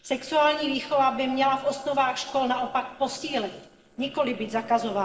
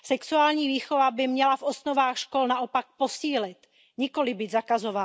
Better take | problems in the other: second | noise reduction (neural separator model SepFormer DNS4)

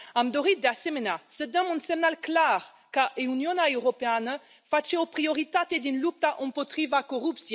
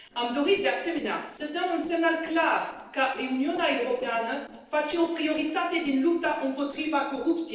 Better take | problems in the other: first | noise reduction (neural separator model SepFormer DNS4)

